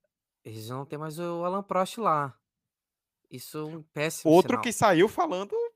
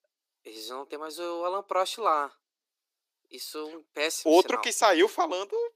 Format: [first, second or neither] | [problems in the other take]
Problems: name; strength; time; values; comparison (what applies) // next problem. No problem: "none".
first | thin; somewhat; fading below 300 Hz